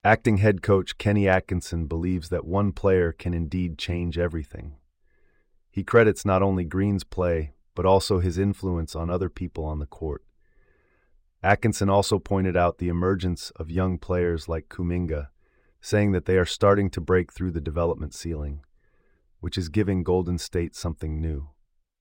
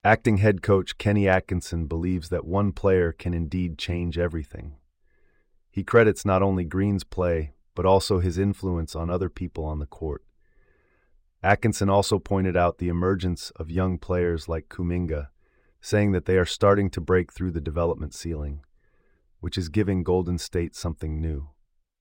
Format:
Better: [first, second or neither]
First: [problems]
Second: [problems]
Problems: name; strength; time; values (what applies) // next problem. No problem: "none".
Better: neither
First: none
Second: none